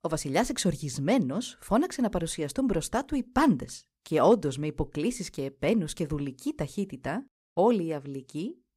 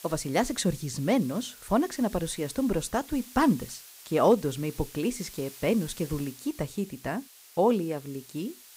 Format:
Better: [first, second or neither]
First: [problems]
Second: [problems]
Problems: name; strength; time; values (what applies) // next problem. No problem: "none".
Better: first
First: none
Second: hiss; noticeable; throughout; 20 dB below the speech